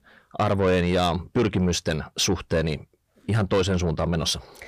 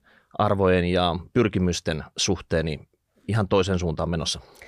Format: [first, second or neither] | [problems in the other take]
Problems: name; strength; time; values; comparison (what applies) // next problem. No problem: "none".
second | distortion; slight; 10 dB below the speech